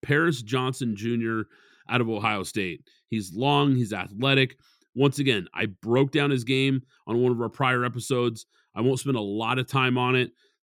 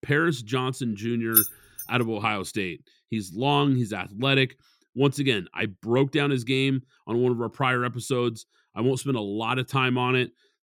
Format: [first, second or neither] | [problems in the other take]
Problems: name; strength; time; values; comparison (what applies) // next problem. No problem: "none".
first | jangling keys; loud; at 1.5 s; peak 5 dB above the speech